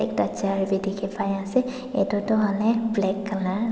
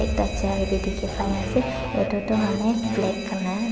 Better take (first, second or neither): first